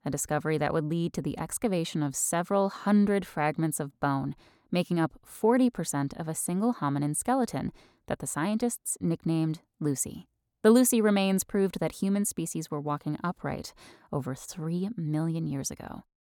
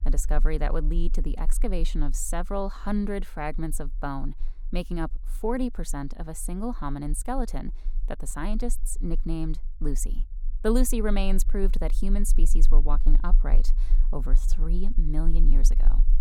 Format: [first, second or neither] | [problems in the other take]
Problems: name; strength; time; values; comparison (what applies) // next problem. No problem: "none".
first | low rumble; faint; throughout; 25 dB below the speech